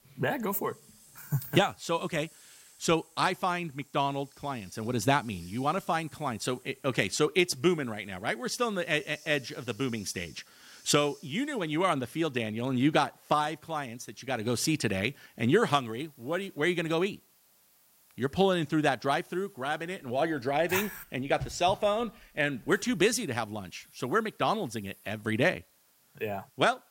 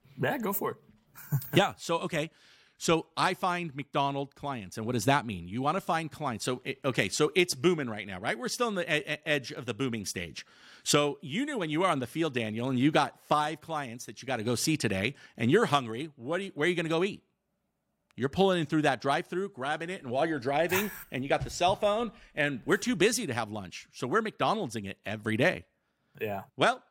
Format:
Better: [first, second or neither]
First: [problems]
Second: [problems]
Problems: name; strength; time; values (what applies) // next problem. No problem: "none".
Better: second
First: hiss; faint; throughout; 25 dB below the speech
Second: none